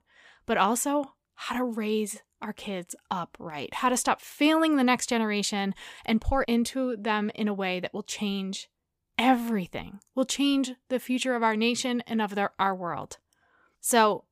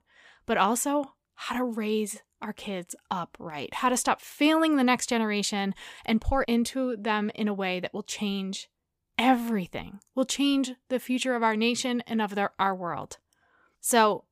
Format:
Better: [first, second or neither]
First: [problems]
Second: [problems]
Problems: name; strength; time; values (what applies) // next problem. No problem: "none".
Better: neither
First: none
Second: none